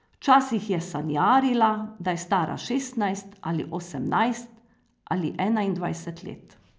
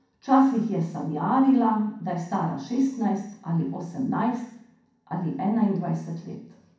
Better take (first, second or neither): first